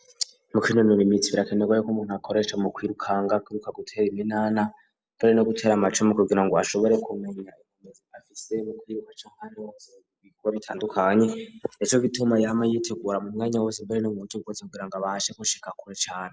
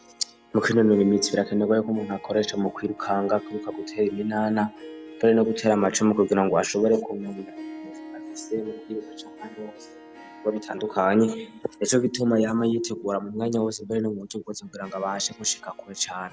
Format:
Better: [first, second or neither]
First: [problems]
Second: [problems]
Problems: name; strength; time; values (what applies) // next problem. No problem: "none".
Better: first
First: none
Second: background sound (Harp); 19 dB below the speech